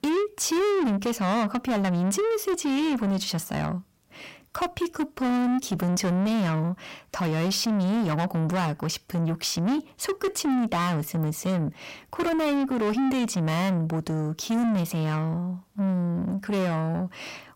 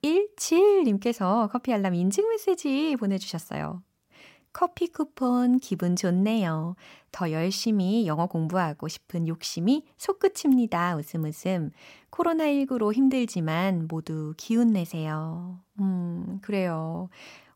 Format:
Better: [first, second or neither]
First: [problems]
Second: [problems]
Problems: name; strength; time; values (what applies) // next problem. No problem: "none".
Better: second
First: distortion; heavy; 7 dB below the speech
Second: none